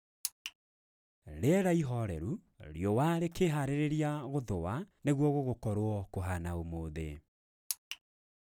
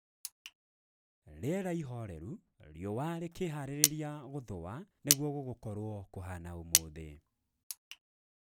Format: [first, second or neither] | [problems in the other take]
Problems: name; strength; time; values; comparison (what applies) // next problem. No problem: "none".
first | background sound (Cutlery, silverware); 5 dB above the speech